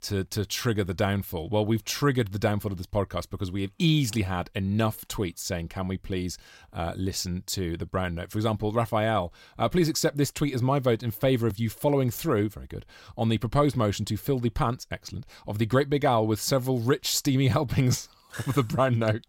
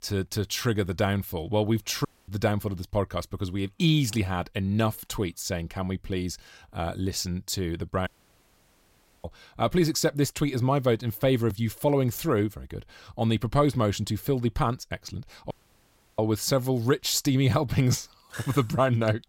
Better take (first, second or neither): first